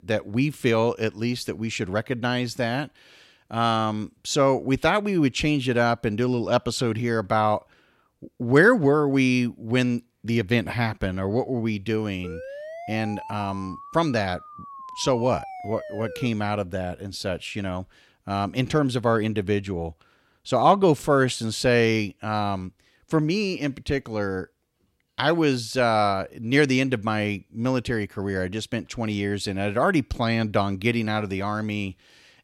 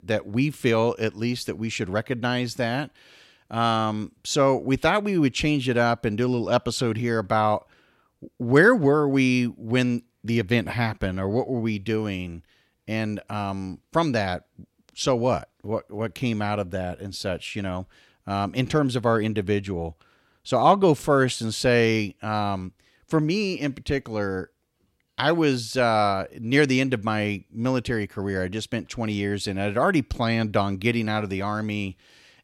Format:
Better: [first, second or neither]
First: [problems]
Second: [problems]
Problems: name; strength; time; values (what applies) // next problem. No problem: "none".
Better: second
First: siren; faint; from 12 to 16 s; peak 10 dB below the speech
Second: none